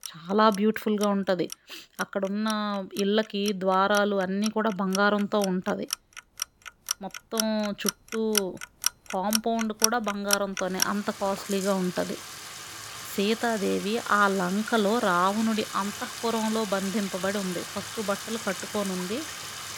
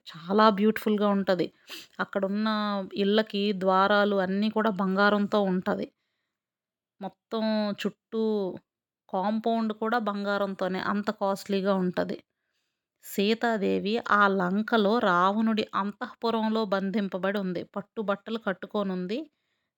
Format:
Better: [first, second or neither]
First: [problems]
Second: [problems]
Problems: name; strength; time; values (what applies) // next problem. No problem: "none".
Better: second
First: household noises; loud; throughout; 6 dB below the speech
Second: none